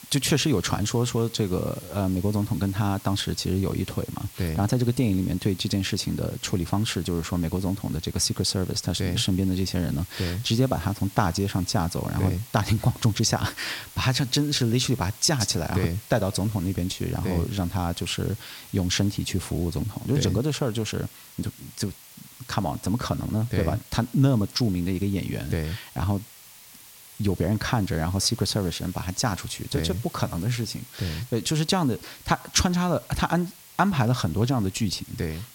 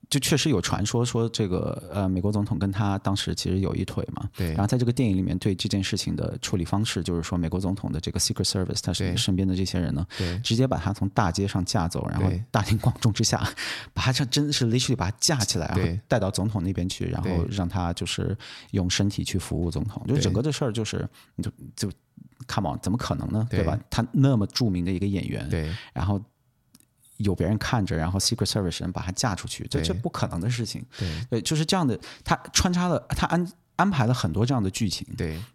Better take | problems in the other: second | hiss; noticeable; throughout; 20 dB below the speech

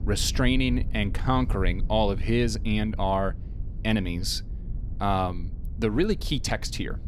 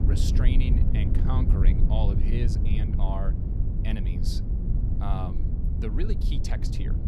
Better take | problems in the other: first | low rumble; loud; throughout; 2 dB below the speech; faint in the first

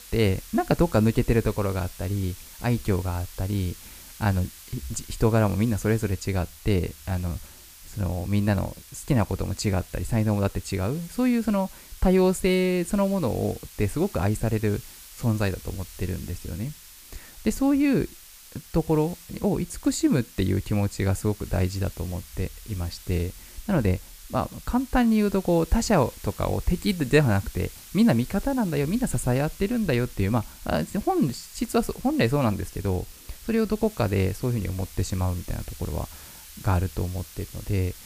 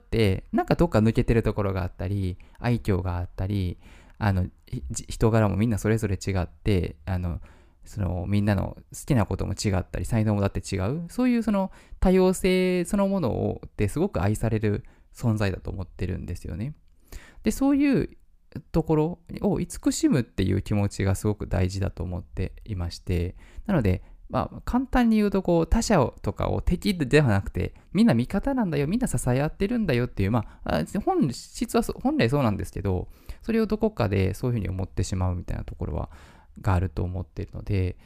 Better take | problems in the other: second | hiss; noticeable; throughout; 20 dB below the speech

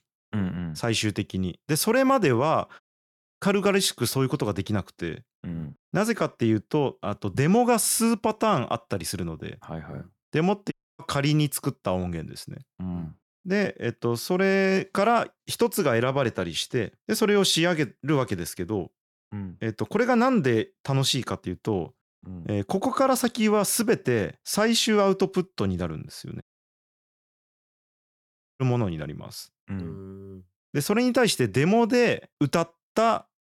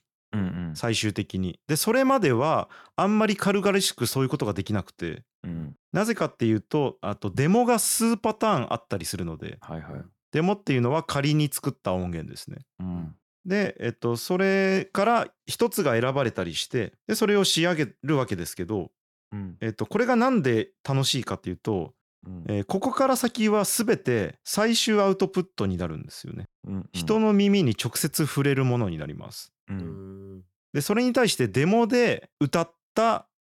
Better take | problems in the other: second | audio cutting out; at 3 s for 0.5 s, at 11 s and at 26 s for 2 s

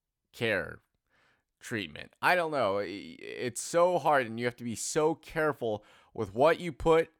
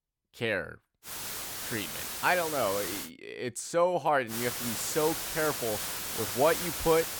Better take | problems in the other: first | hiss; loud; from 1 to 3 s and from 4.5 s on; 3 dB below the speech

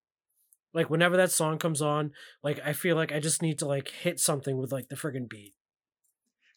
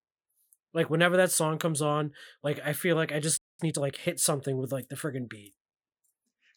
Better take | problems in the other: first | audio freezing; at 3.5 s

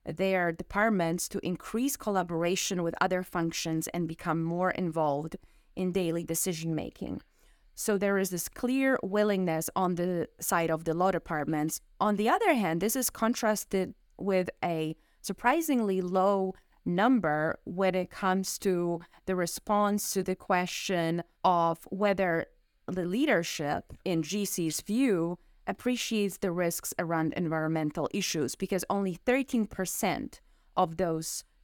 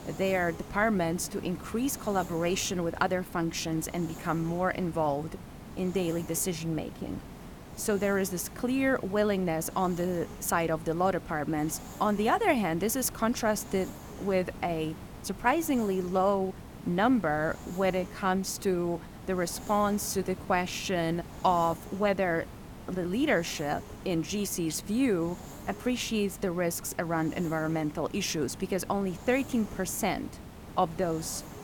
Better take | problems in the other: first | hiss; noticeable; throughout; 15 dB below the speech

